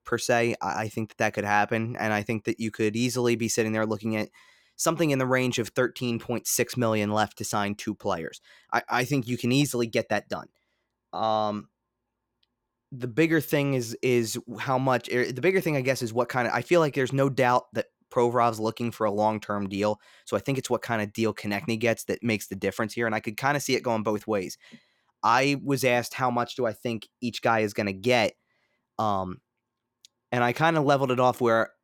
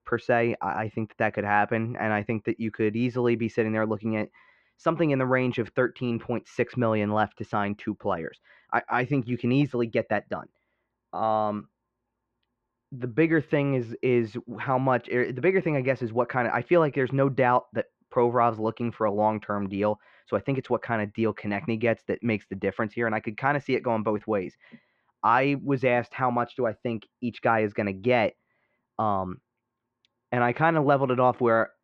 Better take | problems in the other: first | muffled; very; fading above 2.5 kHz

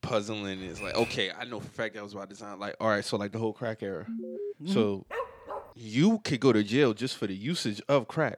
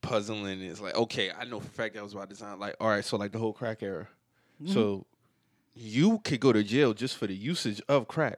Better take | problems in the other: second | keyboard typing; noticeable; at 0.5 s; peak 8 dB below the speech // alarm; noticeable; at 4 s; peak 7 dB below the speech // dog barking; noticeable; at 5 s; peak 8 dB below the speech

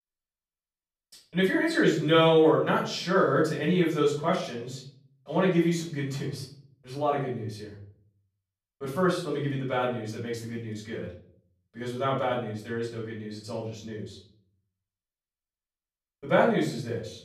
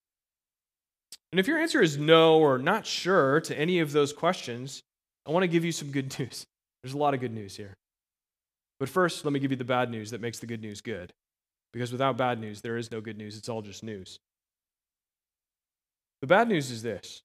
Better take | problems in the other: second | off-mic speech; far // room echo; noticeable; dies away in 0.5 s

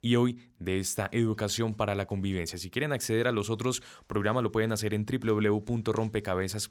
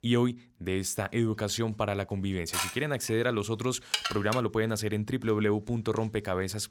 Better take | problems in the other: first | clattering dishes; noticeable; from 2.5 to 4.5 s; peak level with the speech

